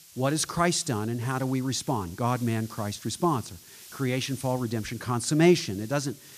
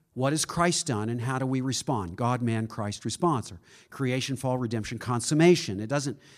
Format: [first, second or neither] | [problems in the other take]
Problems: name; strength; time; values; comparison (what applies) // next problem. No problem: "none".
second | hiss; noticeable; throughout; 20 dB below the speech